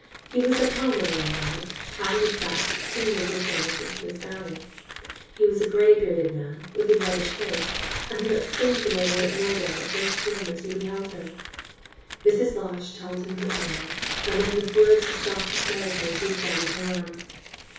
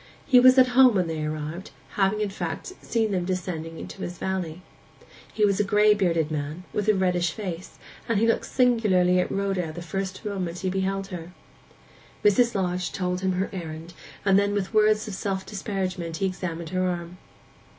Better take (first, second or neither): second